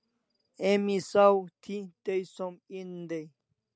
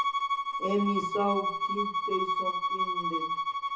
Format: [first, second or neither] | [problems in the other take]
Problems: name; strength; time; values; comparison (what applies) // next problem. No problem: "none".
first | background sound (Bowed string instrument); 3 dB above the speech // room echo; dies away in 0.6 s